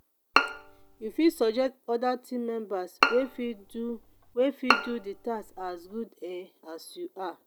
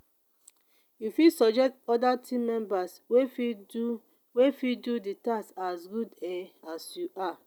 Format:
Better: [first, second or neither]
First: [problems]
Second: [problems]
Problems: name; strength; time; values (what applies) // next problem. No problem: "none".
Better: second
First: background sound (Bowed string instrument); as loud as the speech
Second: none